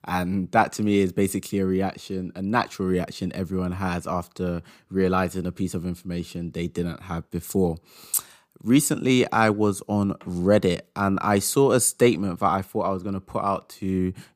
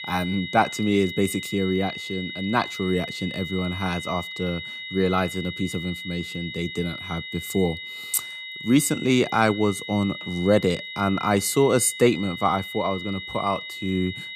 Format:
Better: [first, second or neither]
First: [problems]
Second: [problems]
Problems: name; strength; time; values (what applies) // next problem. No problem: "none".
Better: first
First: none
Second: high-pitched whine; loud; throughout; 2 kHz, 9 dB below the speech